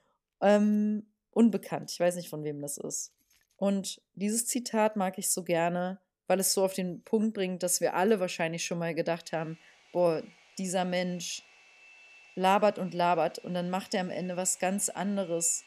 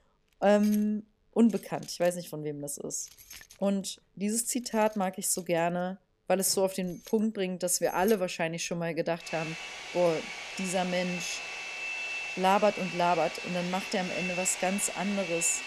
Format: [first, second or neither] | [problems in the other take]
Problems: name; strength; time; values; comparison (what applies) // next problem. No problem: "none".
first | household noises; loud; throughout; 7 dB below the speech; faint in the first